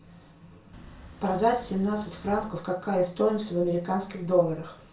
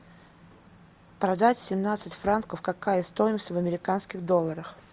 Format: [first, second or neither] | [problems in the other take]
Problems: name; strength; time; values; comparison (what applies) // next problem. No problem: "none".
second | background sound (Wind); 19 dB below the speech // room echo; dies away in 0.3 s